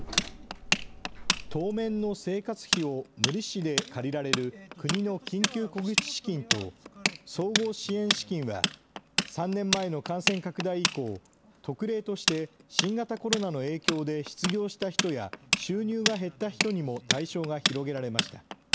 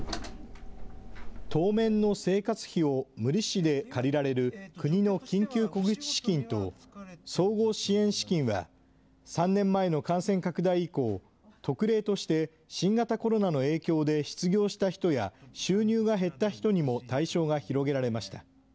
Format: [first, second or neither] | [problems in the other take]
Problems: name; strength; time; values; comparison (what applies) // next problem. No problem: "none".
second | background sound (Tools); 1 dB below the speech